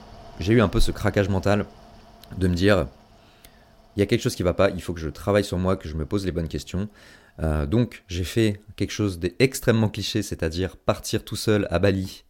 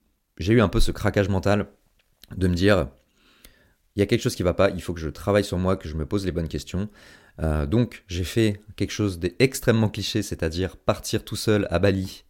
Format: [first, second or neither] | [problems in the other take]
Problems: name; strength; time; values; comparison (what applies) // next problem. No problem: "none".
second | machinery noise; faint; throughout; 25 dB below the speech